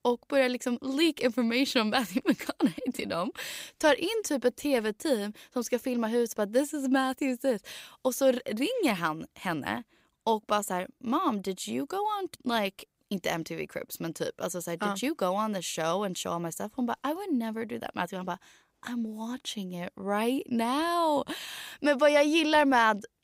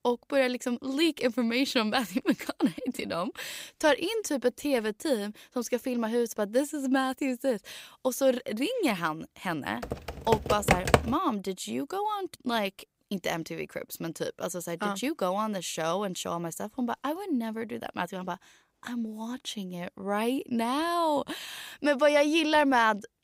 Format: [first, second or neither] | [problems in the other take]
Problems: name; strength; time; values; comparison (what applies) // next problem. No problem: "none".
first | keyboard typing; loud; from 10 to 11 s; peak 6 dB above the speech